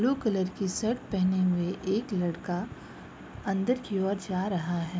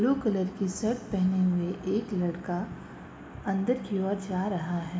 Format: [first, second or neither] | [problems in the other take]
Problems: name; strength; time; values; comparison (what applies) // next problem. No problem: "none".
first | room echo; dies away in 1.5 s